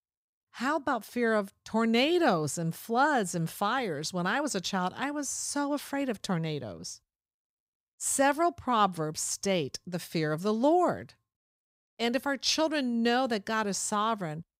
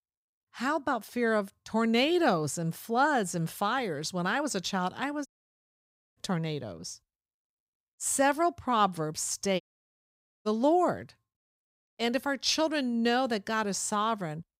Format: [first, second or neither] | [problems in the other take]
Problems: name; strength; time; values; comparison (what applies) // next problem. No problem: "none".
first | audio cutting out; at 5.5 s for 1 s and at 9.5 s for 1 s